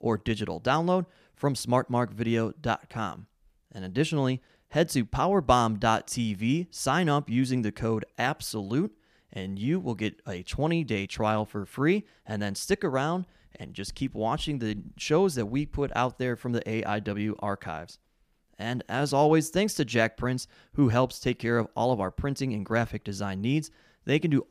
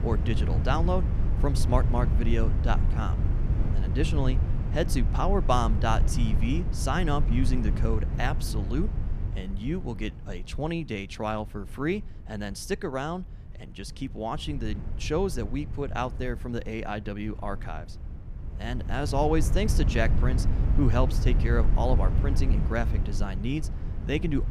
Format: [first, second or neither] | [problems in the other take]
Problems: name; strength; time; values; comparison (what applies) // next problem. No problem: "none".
first | low rumble; loud; throughout; 10 dB below the speech